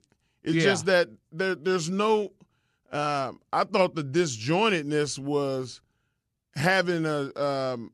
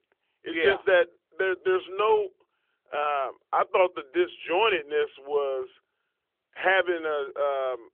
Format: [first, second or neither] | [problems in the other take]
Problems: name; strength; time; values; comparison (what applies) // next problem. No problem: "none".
first | phone-call audio; nothing above 3.5 kHz